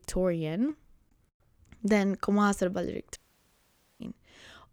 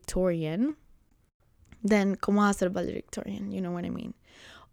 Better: second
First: audio cutting out; at 3 s for 1 s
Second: none

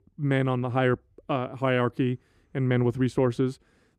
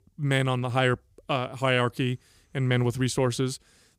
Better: second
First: muffled; slightly; fading above 3 kHz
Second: none

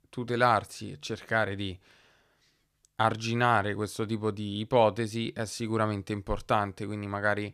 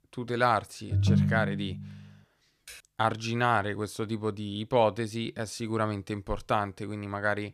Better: first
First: none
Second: phone ringing; loud; at 1 s; peak 6 dB above the speech // keyboard typing; faint; at 2.5 s; peak 20 dB below the speech

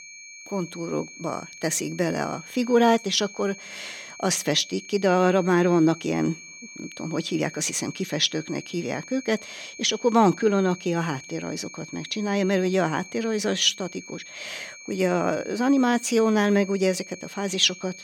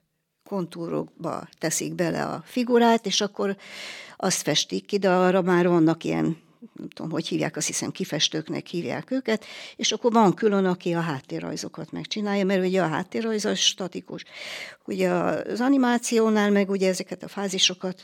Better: second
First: high-pitched whine; noticeable; throughout; 2.5 kHz, 15 dB below the speech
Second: none

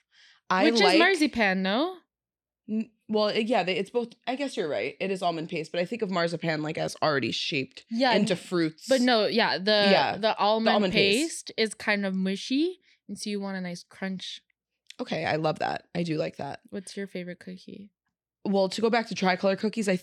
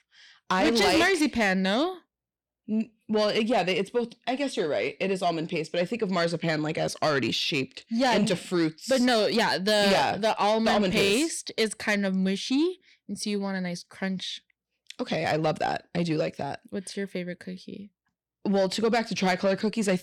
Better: first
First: none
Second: distortion; slight; 10 dB below the speech

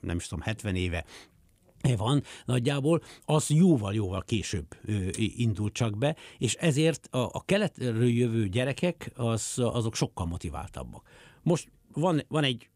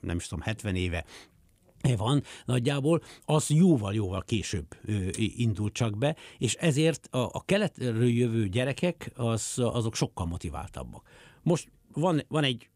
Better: neither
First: none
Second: none

